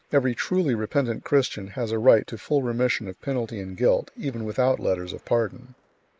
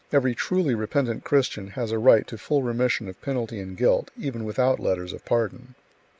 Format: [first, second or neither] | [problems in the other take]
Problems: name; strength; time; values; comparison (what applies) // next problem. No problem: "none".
second | noise reduction (neural mask model Resemble Enhance denoiser)